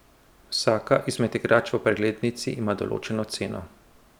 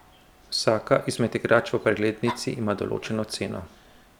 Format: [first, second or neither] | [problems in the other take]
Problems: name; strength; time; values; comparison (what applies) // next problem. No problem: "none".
first | background sound (Dog); 19 dB below the speech